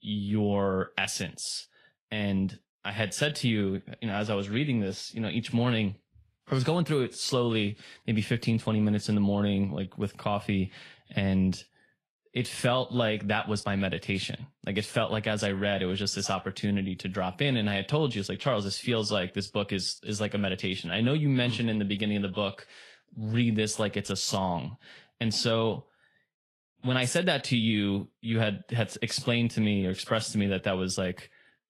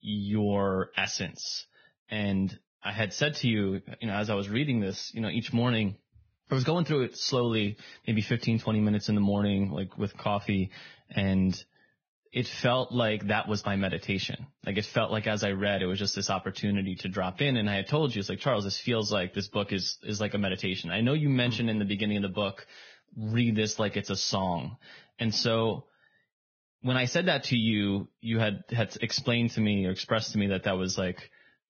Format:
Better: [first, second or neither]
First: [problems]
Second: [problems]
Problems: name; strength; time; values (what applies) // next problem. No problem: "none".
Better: first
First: garbled, watery; slightly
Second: garbled, watery; badly; nothing above 6.5 kHz